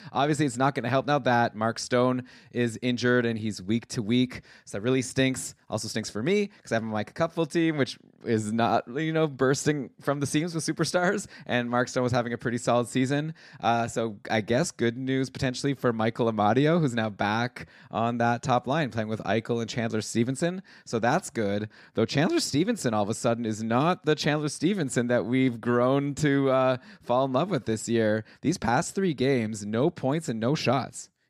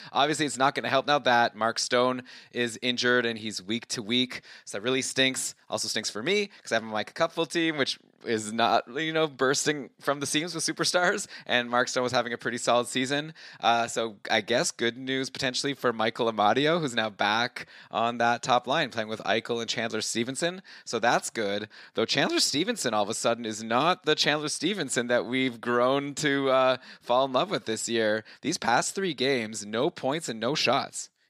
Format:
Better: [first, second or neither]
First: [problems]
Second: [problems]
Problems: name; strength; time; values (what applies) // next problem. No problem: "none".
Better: first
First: none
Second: thin; very slightly; fading below 600 Hz